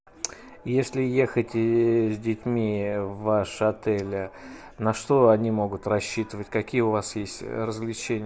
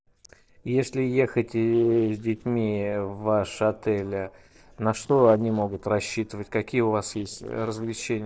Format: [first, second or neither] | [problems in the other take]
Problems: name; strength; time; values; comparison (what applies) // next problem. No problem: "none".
first | noise reduction (neural separator model SepFormer DNS4)